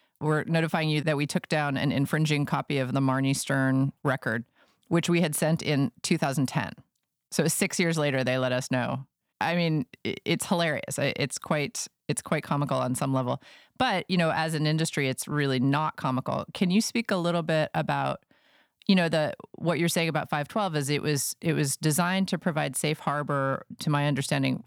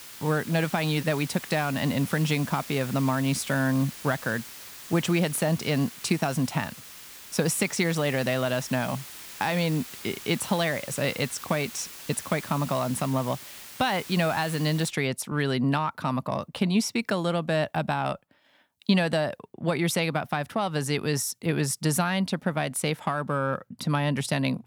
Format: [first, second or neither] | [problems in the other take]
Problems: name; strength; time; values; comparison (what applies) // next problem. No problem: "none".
first | hiss; noticeable; until 15 s; 15 dB below the speech